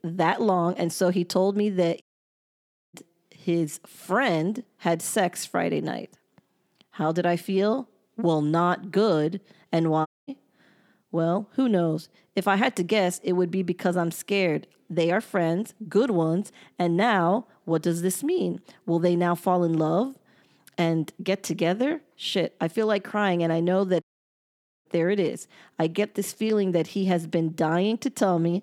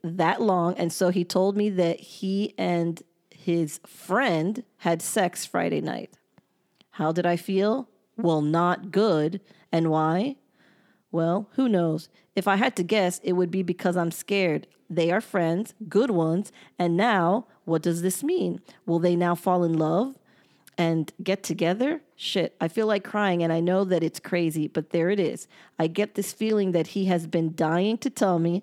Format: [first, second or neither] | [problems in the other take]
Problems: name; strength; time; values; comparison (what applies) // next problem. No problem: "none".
second | audio cutting out; at 2 s for 1 s, at 10 s and at 24 s for 1 s